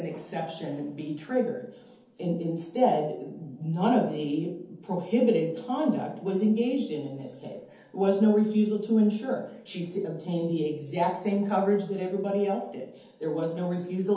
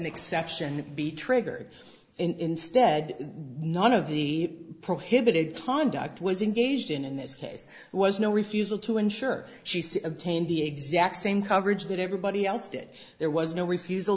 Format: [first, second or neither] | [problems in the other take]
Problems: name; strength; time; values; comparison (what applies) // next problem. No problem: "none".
second | room echo; dies away in 0.6 s